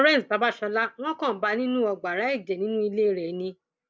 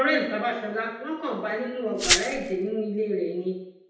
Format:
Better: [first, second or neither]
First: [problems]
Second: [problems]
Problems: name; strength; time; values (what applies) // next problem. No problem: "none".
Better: first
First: none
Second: background sound (Glass); 1 dB above the speech // room echo; dies away in 0.8 s